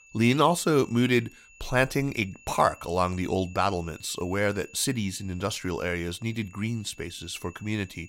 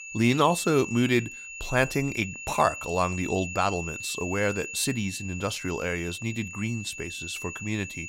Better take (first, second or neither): first